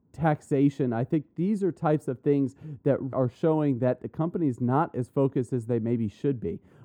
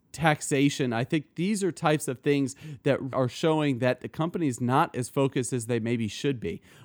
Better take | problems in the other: second | muffled; very; fading above 1.5 kHz

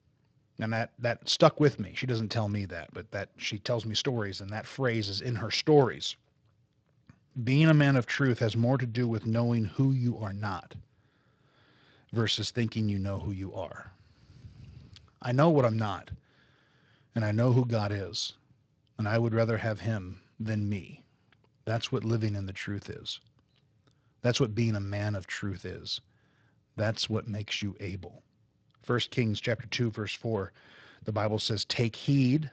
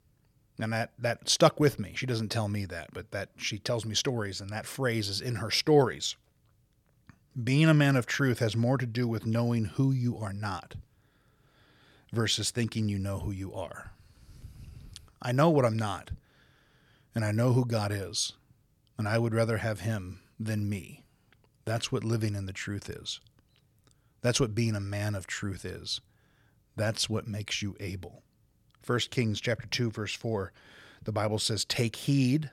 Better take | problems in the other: second | garbled, watery; slightly; nothing above 17.5 kHz

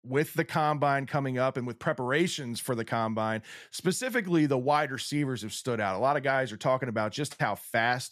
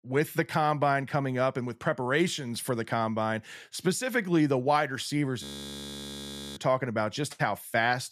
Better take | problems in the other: first | audio freezing; at 5.5 s for 1 s

